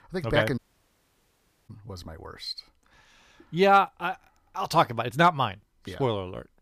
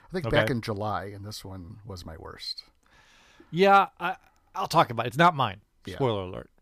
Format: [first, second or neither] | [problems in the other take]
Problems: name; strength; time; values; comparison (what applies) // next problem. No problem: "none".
second | audio cutting out; at 0.5 s for 1 s